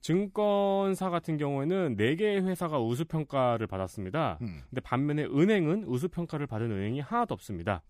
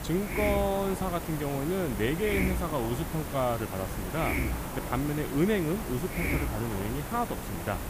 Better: first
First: none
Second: hiss; loud; throughout; 3 dB below the speech

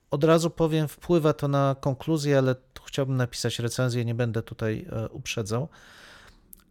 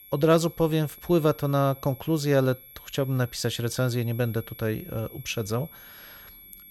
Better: first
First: none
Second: high-pitched whine; noticeable; throughout; 11.5 kHz, 20 dB below the speech

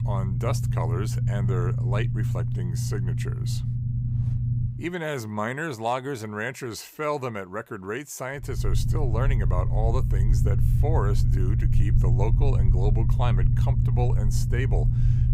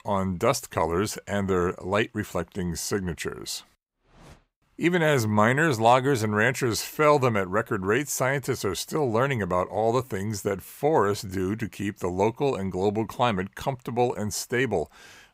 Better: second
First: low rumble; loud; until 4.5 s and from 8.5 s on; 5 dB below the speech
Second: none

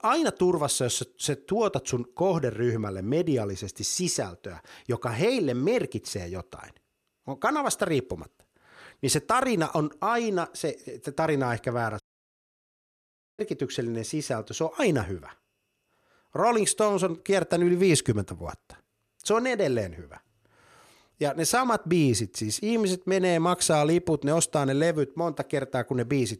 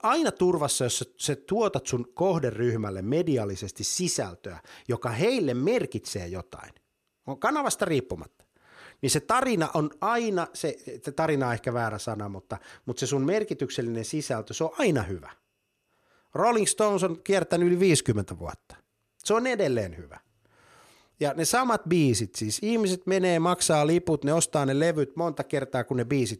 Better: second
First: audio cutting out; at 12 s for 1.5 s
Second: none

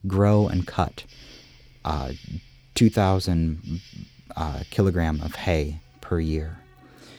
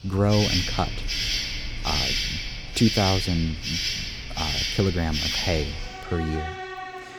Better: first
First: animal sounds; faint; throughout; 25 dB below the speech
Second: animal sounds; loud; throughout; 1 dB below the speech

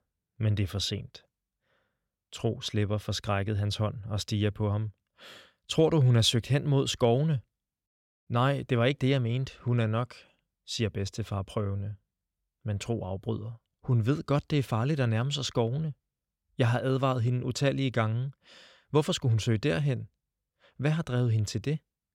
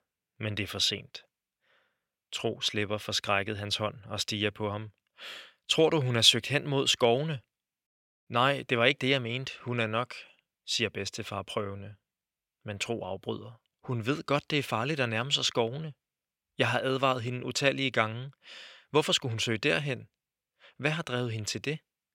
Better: first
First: none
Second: thin; somewhat; fading below 900 Hz

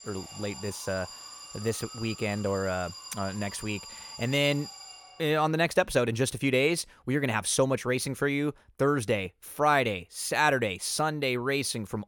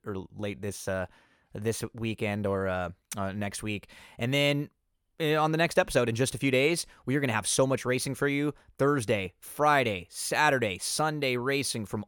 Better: second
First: alarm; faint; until 5.5 s; peak 10 dB below the speech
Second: none

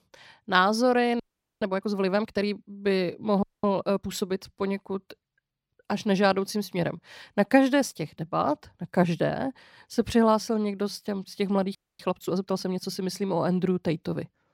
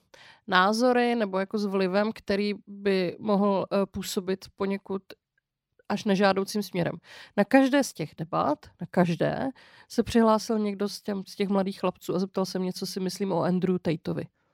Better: second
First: audio freezing; at 1 s, at 3.5 s and at 12 s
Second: none

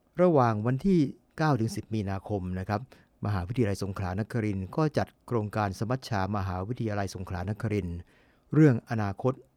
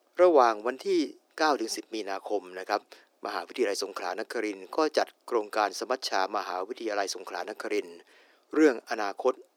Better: first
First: none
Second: thin; very; fading below 350 Hz

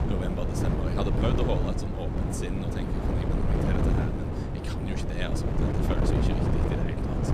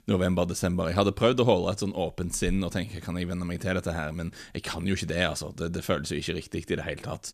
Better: second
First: wind noise on the microphone; heavy; 3 dB above the speech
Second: none

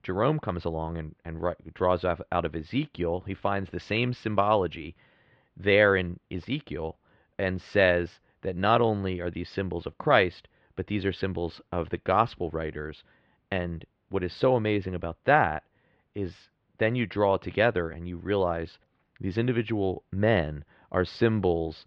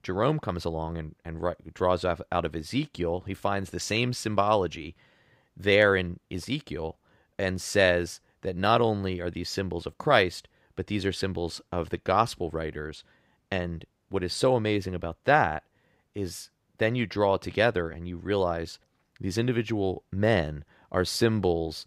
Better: second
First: muffled; slightly; fading above 3.5 kHz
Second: none

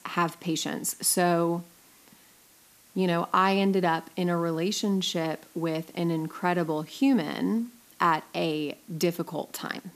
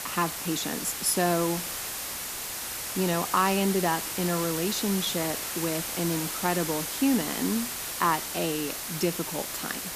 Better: first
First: hiss; faint; throughout; 25 dB below the speech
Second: hiss; loud; throughout; 3 dB below the speech

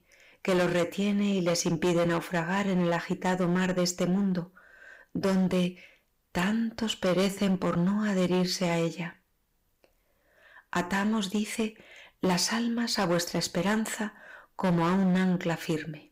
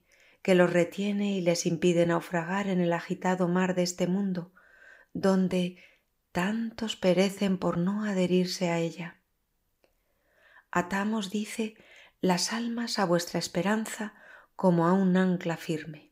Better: second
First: distortion; heavy; 11% of the sound clipped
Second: none

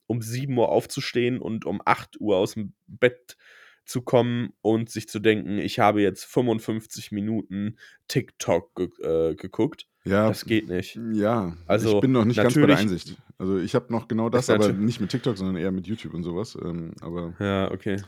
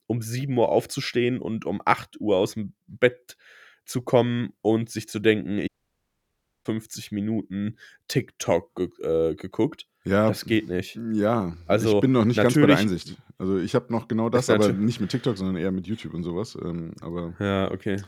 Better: first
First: none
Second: audio cutting out; at 5.5 s for 1 s

